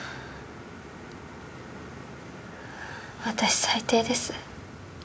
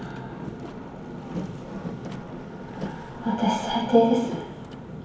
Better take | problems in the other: first | background sound (Boat, Water vehicle); 12 dB below the speech // room echo; dies away in 1 s

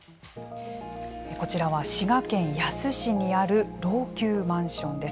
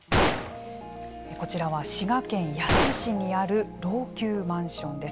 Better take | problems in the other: first | background sound (Gunshot, gunfire); 1 dB below the speech

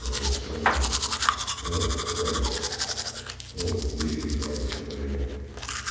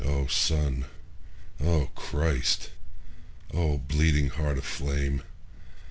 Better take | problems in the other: second | background sound (Domestic sounds, home sounds); 1 dB below the speech // room echo; dies away in 2.2 s

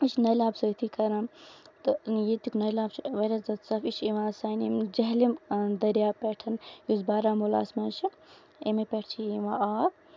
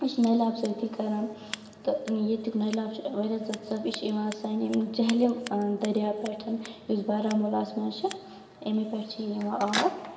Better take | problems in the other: first | background sound (Scissors); 15 dB below the speech // room echo; dies away in 2 s

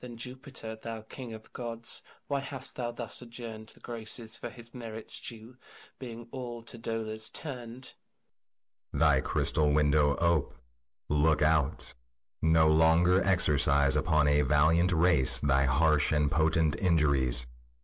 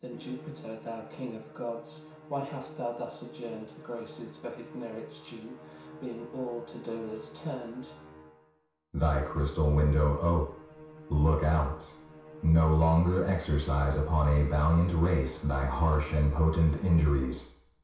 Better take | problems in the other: first | background sound (Musical instrument); 19 dB below the speech // room echo; dies away in 0.6 s

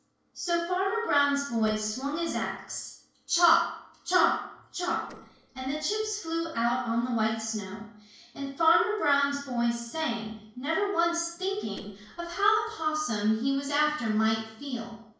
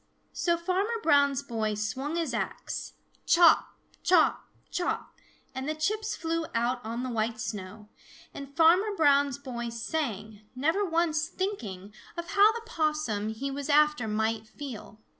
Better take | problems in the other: second | noise reduction (neural separator model SepFormer DNS4)

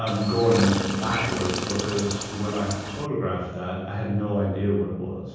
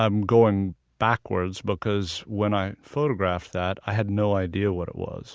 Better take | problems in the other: second | background sound (Chirp, tweet); 5 dB below the speech // room echo; dies away in 1.3 s

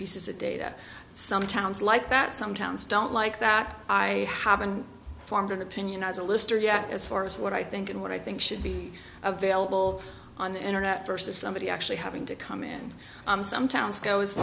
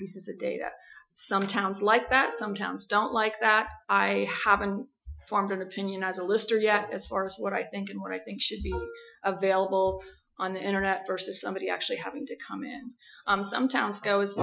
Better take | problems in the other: first | noise reduction (classical method Wiener filter)

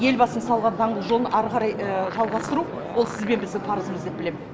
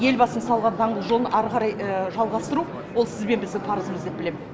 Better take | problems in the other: second | background sound (Animal); 12 dB below the speech

